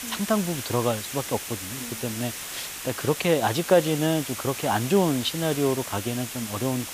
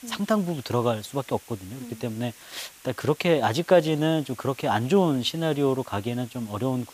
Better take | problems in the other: second | hiss; loud; throughout; 7 dB below the speech; faint in the second

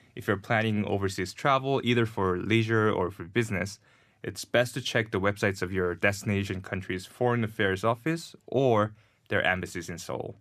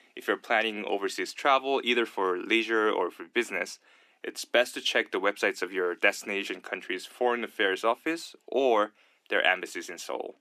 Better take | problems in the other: first | thin; somewhat; fading below 300 Hz

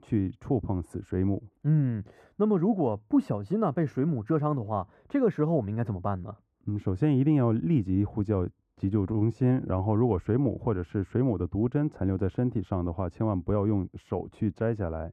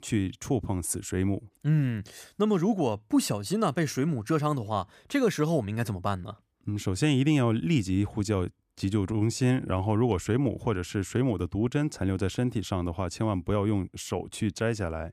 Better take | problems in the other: second | muffled; very; fading above 2.5 kHz

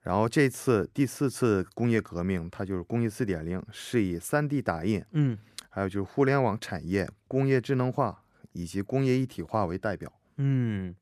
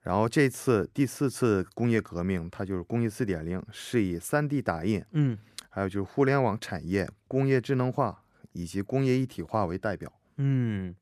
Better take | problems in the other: neither | none

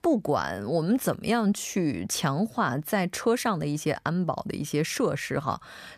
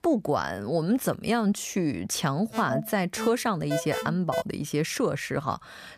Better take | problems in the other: first | alarm; noticeable; from 2.5 to 4.5 s; peak 4 dB below the speech

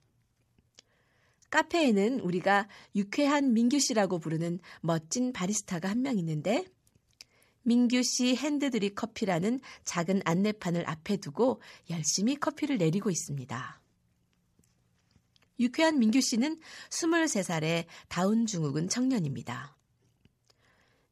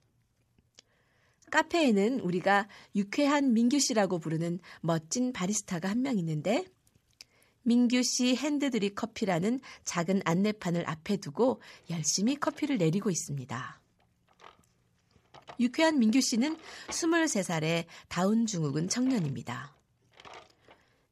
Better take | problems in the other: first | household noises; faint; throughout; 25 dB below the speech

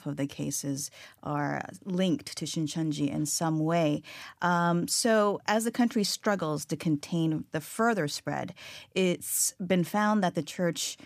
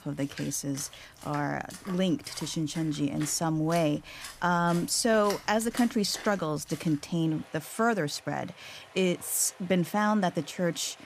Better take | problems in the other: first | rain or running water; noticeable; throughout; 20 dB below the speech

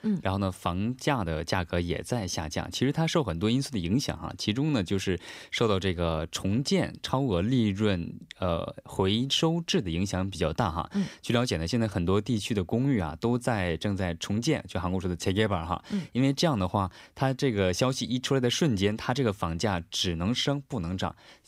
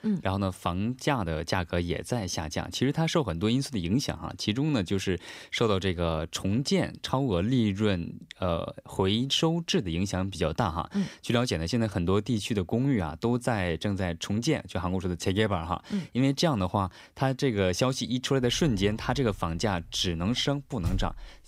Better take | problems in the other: first | door banging; noticeable; from 18 s on; peak 7 dB below the speech

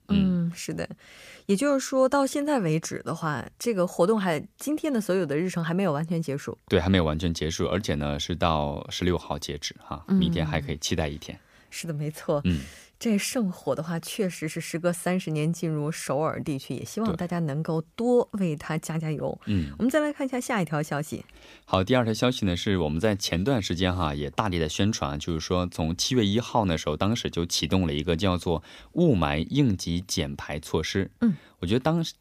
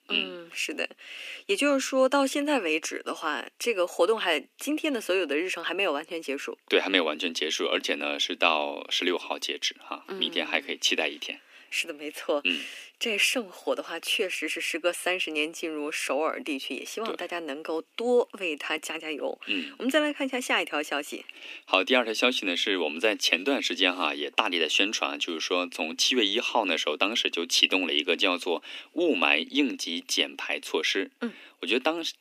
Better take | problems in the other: first | thin; somewhat; fading below 250 Hz

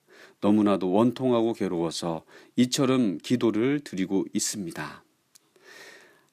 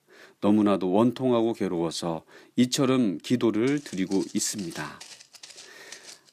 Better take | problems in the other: first | footsteps; faint; from 3.5 s on; peak 15 dB below the speech

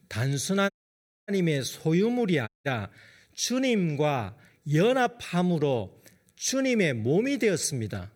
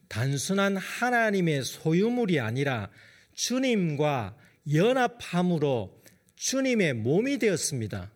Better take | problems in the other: second | audio cutting out; at 0.5 s for 0.5 s and at 2.5 s

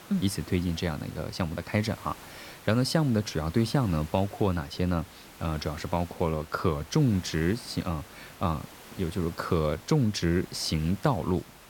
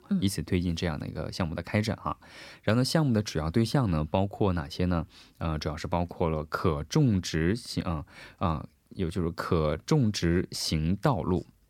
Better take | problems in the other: second | hiss; noticeable; throughout; 20 dB below the speech

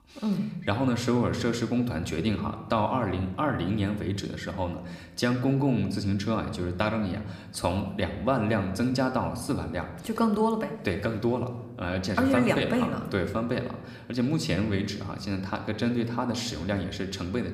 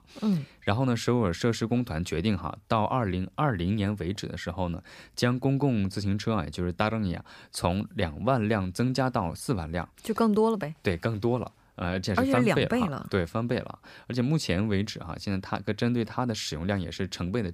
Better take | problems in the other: second | room echo; very slight; dies away in 0.8 s

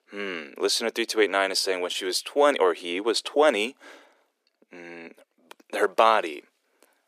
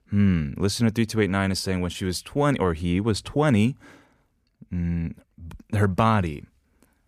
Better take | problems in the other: second | thin; very; fading below 350 Hz

